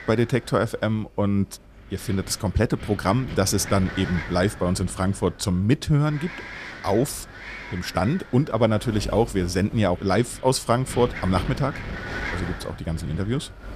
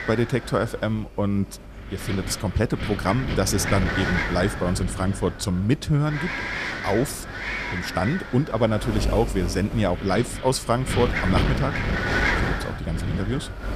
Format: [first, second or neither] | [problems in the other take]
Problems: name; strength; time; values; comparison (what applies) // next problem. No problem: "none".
first | wind noise on the microphone; heavy; 2 dB below the speech; occasional gusts in the first